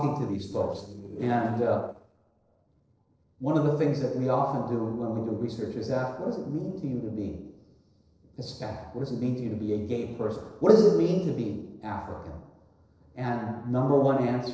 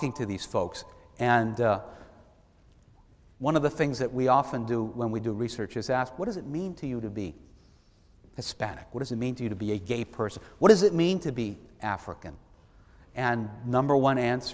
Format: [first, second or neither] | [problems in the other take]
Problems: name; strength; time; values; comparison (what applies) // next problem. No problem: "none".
second | noise reduction (neural separator model SepFormer DNS4)